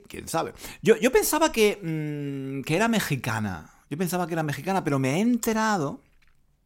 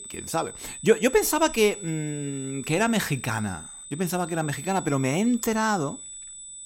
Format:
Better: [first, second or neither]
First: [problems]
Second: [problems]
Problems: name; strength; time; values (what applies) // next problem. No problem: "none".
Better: first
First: none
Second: high-pitched whine; noticeable; throughout; 8 kHz, 10 dB below the speech